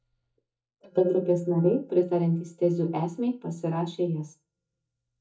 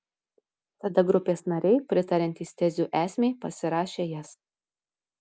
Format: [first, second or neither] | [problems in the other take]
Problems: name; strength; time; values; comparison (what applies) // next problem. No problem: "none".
second | noise reduction (neural mask model DeepFilterNet 3)